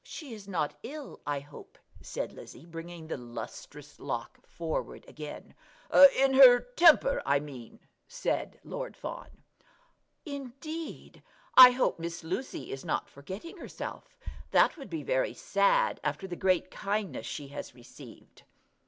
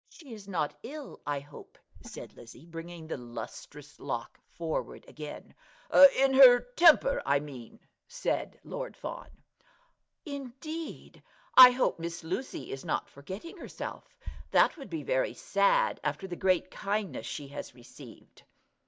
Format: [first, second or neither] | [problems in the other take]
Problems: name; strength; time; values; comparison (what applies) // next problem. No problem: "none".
first | noise reduction (neural mask model DeepFilterNet 3)